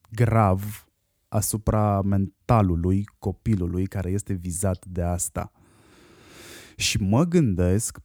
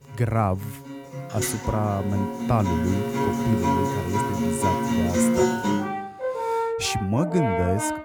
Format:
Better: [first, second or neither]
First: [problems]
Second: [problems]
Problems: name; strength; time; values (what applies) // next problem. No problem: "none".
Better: first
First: none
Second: background music; very loud; throughout; 1 dB above the speech